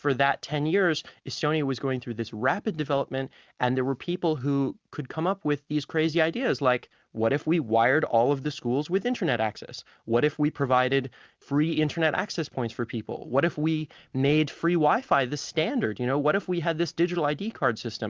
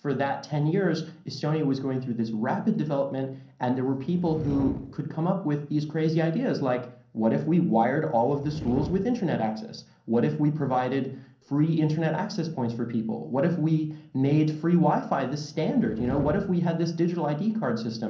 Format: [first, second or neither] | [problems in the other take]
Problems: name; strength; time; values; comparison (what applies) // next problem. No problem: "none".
first | background sound (Fire); 13 dB below the speech // room echo; dies away in 0.6 s